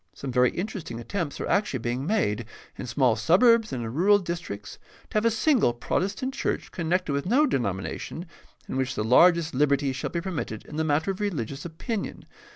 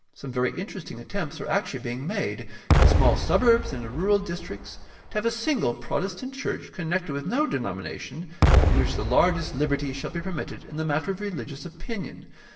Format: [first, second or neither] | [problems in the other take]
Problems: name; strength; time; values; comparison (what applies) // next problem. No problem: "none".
first | background sound (Explosion); 2 dB above the speech // room echo; dies away in 1 s